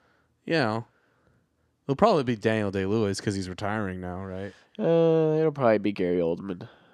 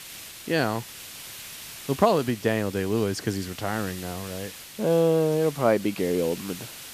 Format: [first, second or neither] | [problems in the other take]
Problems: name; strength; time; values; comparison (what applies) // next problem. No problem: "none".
first | hiss; noticeable; throughout; 15 dB below the speech